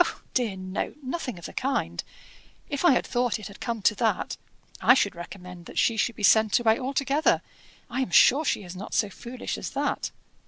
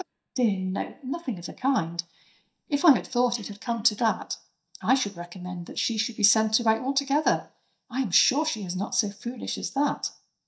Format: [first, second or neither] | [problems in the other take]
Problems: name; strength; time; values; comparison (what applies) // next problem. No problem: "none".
first | noise reduction (neural mask model DeepFilterNet 3)